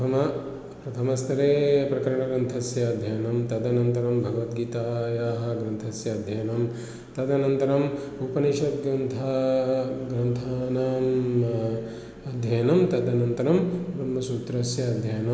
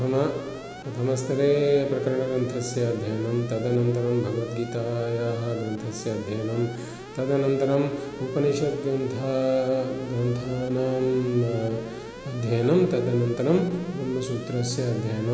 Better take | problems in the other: first | background sound (Alarm); 16 dB below the speech

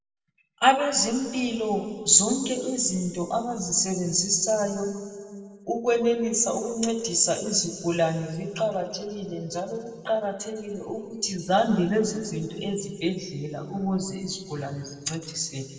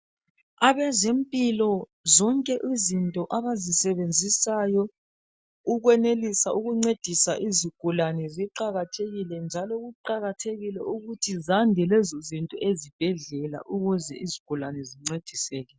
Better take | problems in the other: second | room echo; dies away in 1.8 s

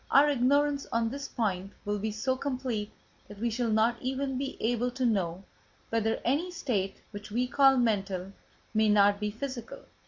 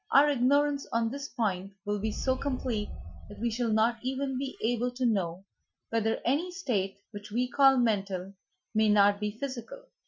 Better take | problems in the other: first | noise reduction (classical method Wiener filter)

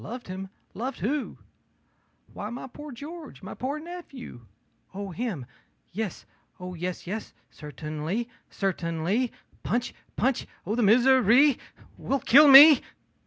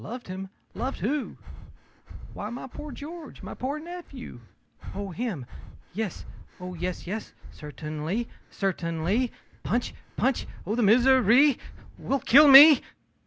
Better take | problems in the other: first | background sound (Breathing); 13 dB below the speech

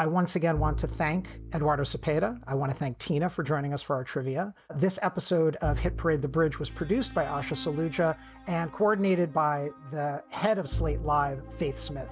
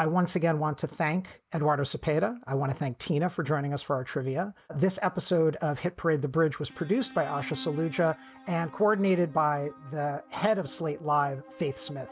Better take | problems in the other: second | background sound (Bowed string instrument); 10 dB below the speech

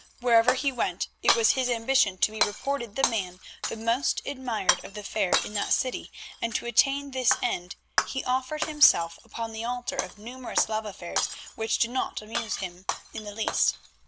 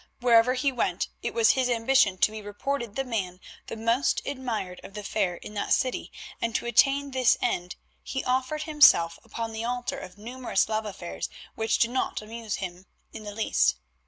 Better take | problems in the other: second | background sound (Shatter); 5 dB below the speech

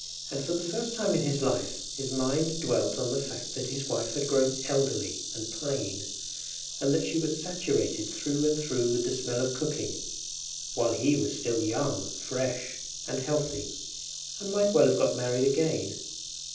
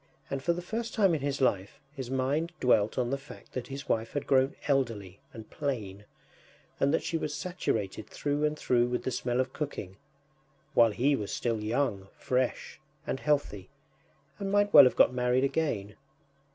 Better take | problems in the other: second | background sound (Insect); 7 dB below the speech // room echo; dies away in 0.6 s

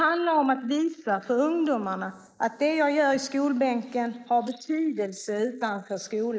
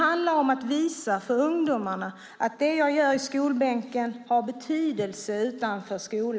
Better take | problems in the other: second | noise reduction (neural mask model Resemble Enhance denoiser)

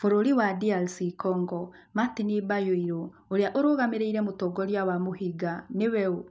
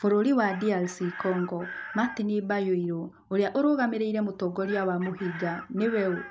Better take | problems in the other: first | background sound (Chicken, rooster); 16 dB below the speech

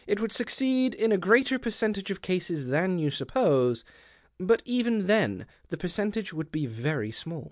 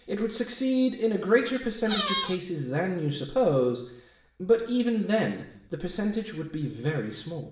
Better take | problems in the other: first | background sound (Squeak); 3 dB below the speech // room echo; dies away in 0.7 s

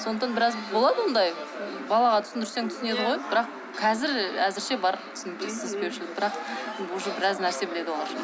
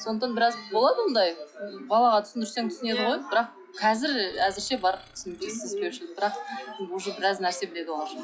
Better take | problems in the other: first | noise reduction (classical method log-MMSE)

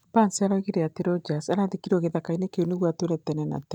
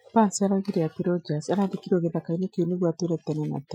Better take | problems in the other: first | noise reduction (classical method Wiener filter)

